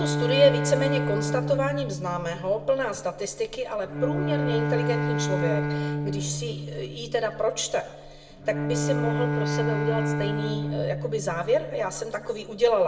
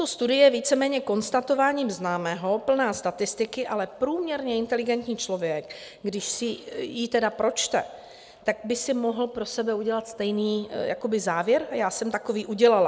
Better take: second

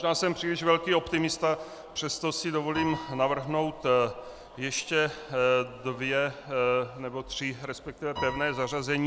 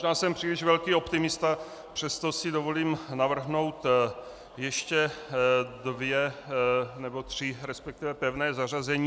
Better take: second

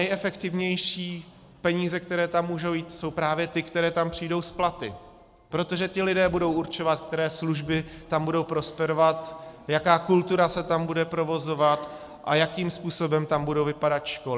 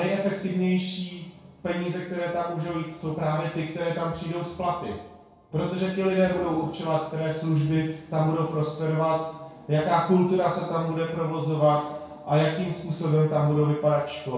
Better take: first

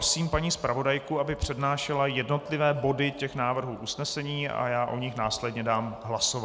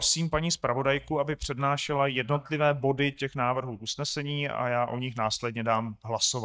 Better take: first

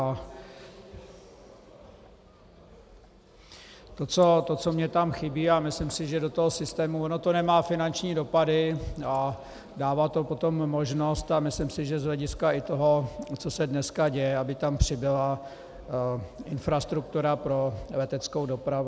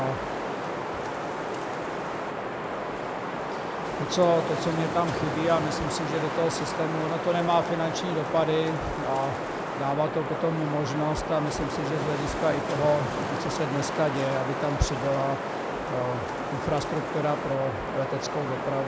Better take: first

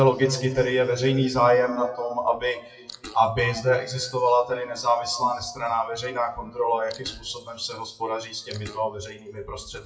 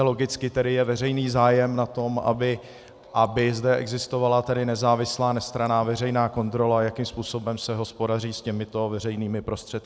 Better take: second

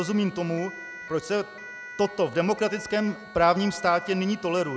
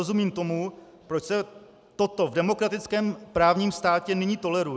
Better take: second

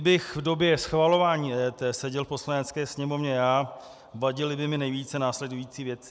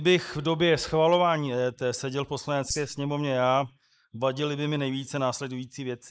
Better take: first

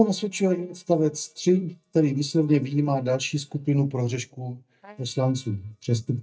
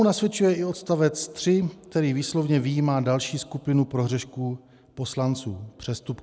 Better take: second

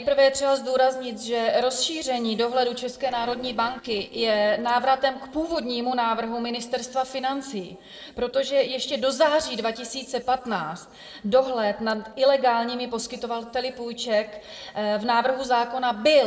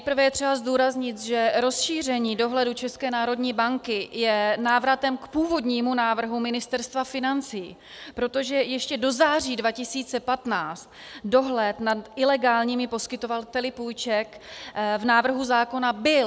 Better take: second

